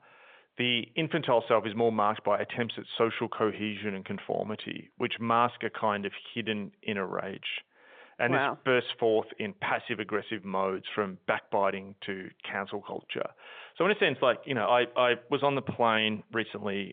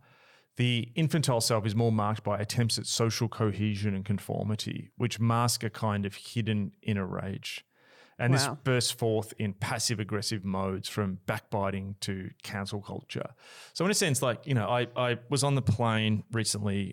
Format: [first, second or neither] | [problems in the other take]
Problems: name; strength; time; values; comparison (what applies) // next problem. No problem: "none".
second | phone-call audio; nothing above 3.5 kHz